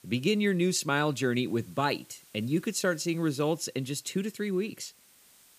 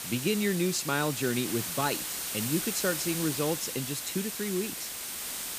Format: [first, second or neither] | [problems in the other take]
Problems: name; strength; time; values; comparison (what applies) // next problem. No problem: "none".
first | hiss; loud; throughout; 2 dB below the speech; faint in the first